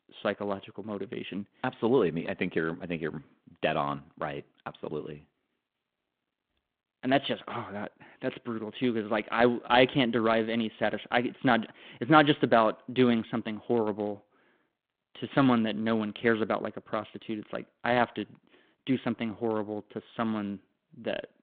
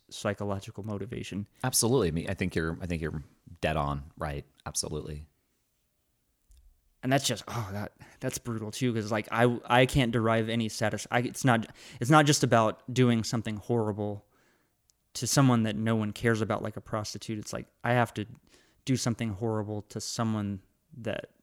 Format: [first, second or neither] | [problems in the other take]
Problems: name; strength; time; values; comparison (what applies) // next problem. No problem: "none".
second | phone-call audio